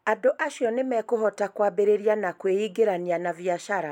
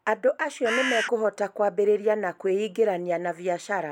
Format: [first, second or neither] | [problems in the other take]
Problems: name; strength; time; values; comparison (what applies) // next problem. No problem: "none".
first | background sound (Bird); 1 dB below the speech